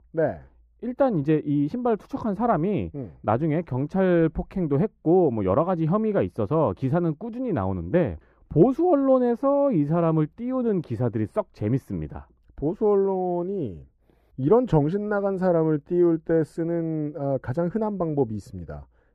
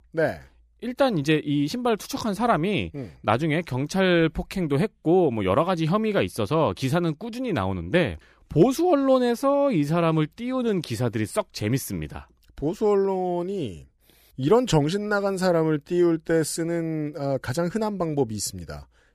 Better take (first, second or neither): second